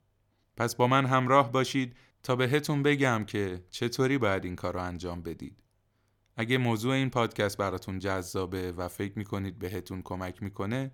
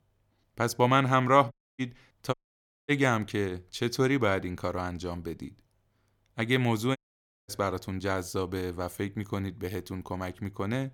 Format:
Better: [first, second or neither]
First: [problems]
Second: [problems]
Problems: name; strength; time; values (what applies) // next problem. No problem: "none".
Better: first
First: none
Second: audio cutting out; at 1.5 s, at 2.5 s for 0.5 s and at 7 s for 0.5 s